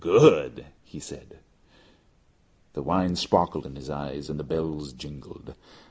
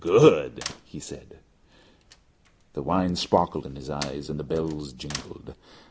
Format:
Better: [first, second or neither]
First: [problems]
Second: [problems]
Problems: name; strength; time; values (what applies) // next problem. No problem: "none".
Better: first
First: none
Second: background sound (Slam); 18 dB below the speech